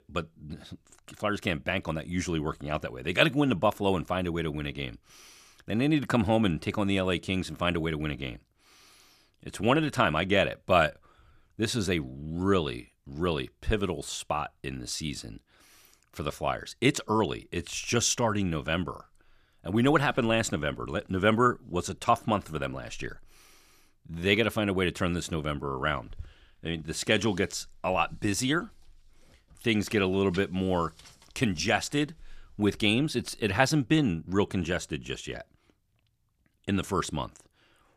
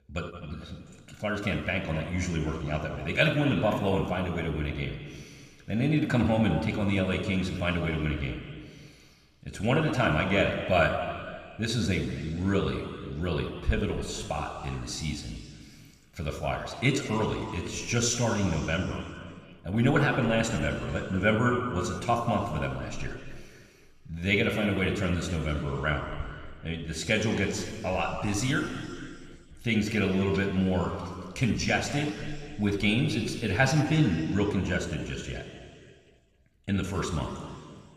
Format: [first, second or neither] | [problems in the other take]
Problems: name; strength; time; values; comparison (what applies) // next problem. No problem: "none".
first | room echo; noticeable; dies away in 2.1 s